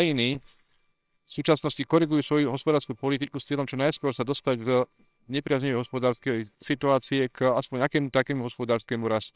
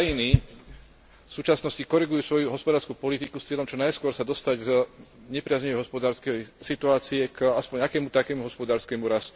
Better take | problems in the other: second | noise reduction (neural separator model SepFormer WHAMR!)

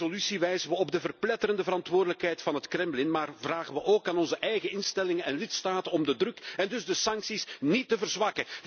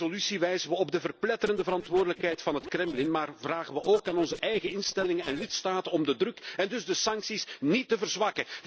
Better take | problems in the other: first | noise reduction (neural separator model SepFormer DNS4)

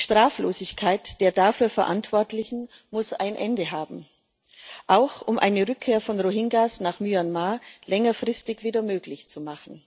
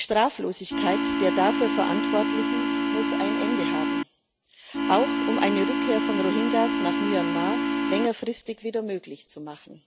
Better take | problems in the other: first | background sound (Organ); 3 dB above the speech

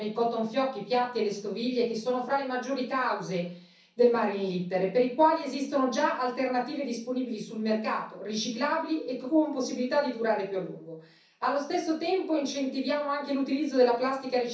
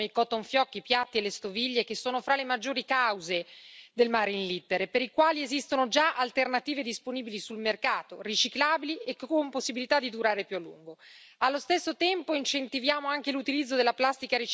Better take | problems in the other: second | room echo; dies away in 0.6 s

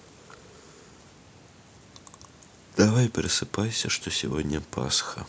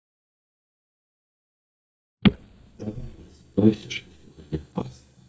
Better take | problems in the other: first | noise reduction (neural mask model DeepFilterNet 3)

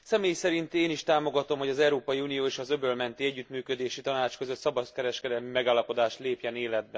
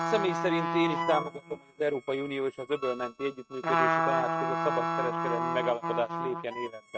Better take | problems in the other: first | noise reduction (neural mask model RNNoise)

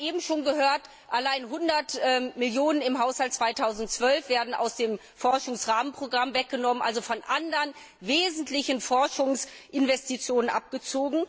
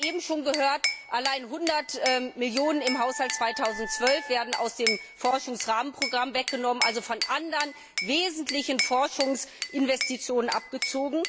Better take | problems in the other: first | background sound (Wind instrument, woodwind instrument + Glass / Bell); 6 dB below the speech

